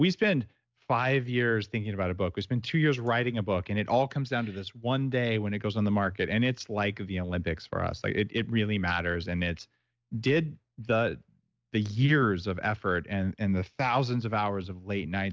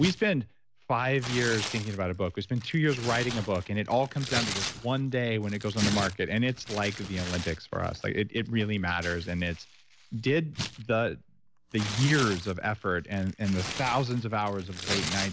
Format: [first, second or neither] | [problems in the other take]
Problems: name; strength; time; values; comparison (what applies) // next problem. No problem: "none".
first | background sound (Tearing); 9 dB below the speech